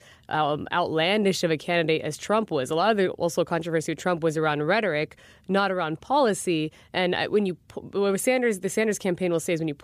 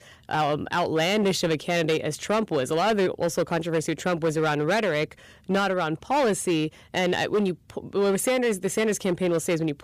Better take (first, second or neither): first